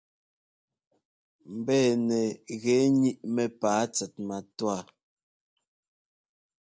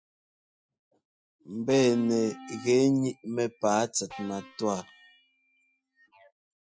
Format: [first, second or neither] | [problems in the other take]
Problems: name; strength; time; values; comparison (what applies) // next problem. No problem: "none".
first | noise reduction (classical method Wiener filter)